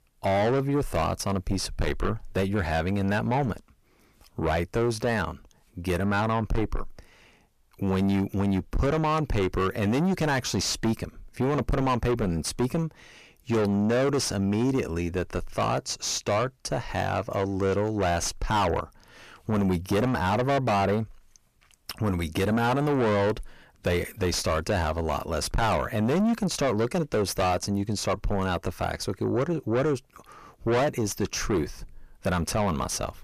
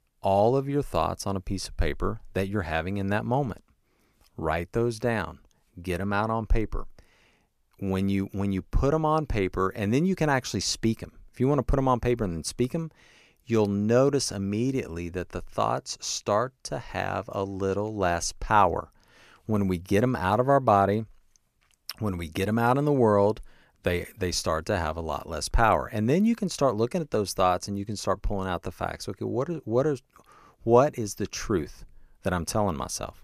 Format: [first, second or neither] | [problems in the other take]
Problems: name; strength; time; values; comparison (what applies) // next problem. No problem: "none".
second | distortion; heavy; 6 dB below the speech